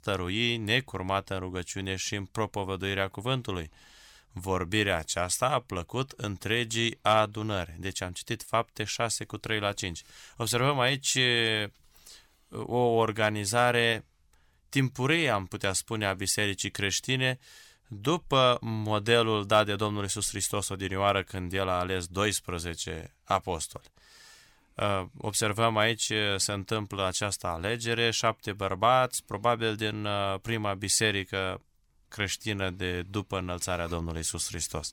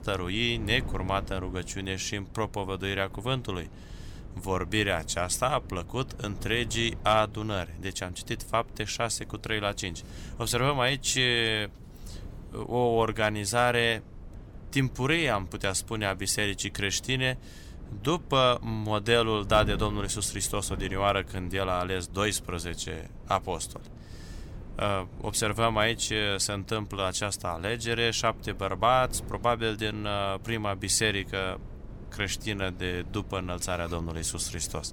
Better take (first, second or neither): first